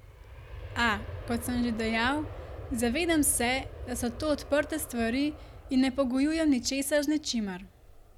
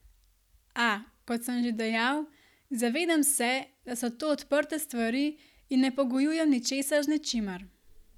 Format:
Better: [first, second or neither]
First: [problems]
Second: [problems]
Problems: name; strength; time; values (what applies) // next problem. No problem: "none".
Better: second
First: background sound (Aircraft); 13 dB below the speech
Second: none